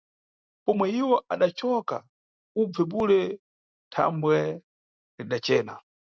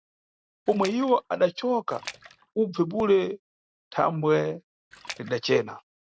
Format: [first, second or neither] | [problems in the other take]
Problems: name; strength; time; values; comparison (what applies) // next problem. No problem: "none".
first | background sound (Splash, splatter); 16 dB below the speech